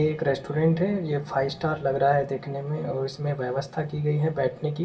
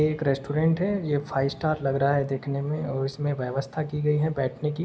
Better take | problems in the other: second | room echo; dies away in 0.2 s

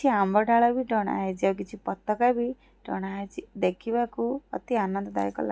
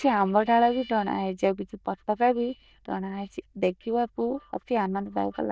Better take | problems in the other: first | noise reduction (neural diffusion model UNIVERSE++)

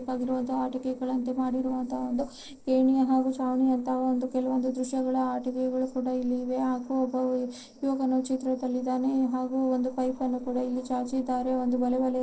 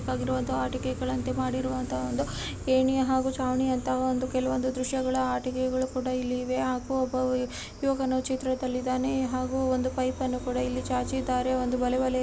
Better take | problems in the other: second | noise reduction (neural separator model SepFormer DNS4)

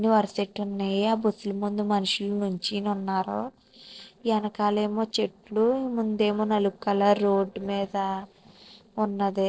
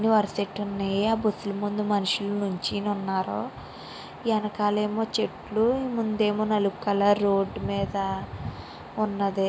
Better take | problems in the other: second | noise reduction (neural separator model SepFormer DNS4)

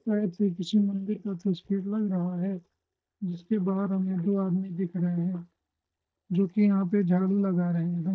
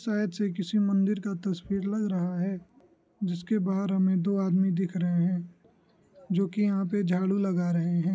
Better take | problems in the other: second | noise reduction (neural mask model DeepFilterNet 3)

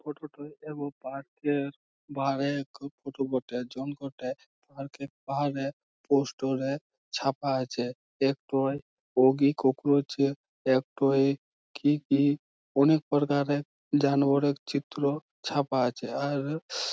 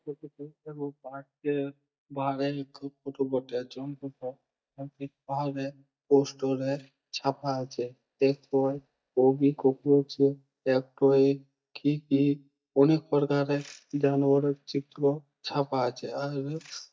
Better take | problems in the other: first | noise reduction (neural mask model DeepFilterNet 3)

